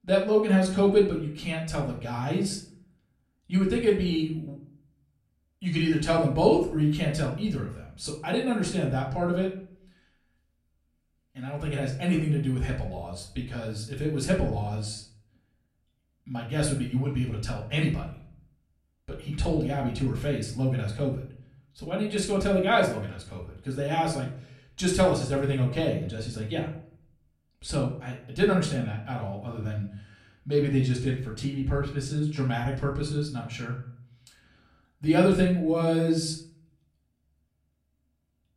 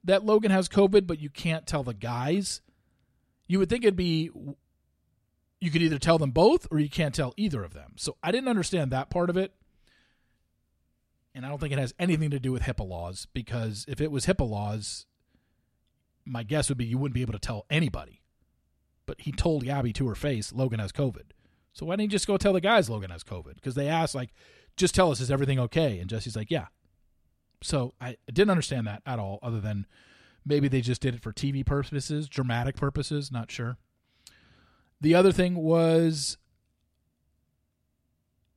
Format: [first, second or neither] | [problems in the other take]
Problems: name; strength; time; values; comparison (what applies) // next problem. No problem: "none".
second | room echo; slight; dies away in 0.5 s // off-mic speech; far